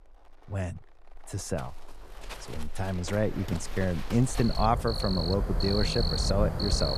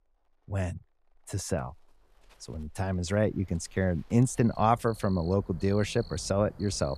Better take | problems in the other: second | animal sounds; loud; throughout; 3 dB below the speech; faint in the second

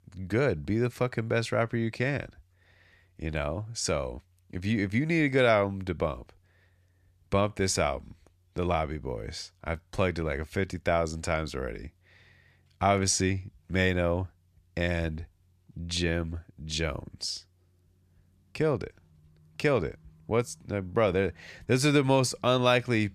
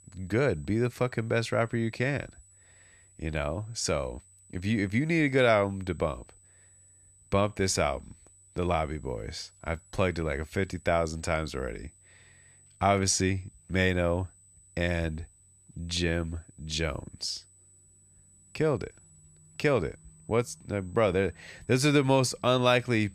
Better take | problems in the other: first | high-pitched whine; faint; throughout; 8 kHz, 30 dB below the speech

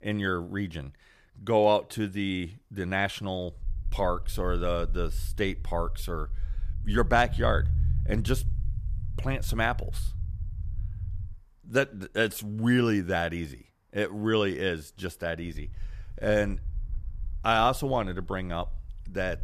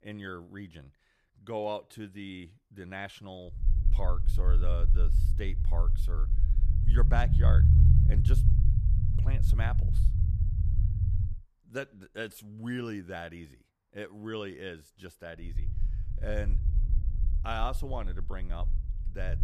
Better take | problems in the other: first | low rumble; loud; from 3.5 to 11 s and from 15 s on; 5 dB below the speech; faint in the first

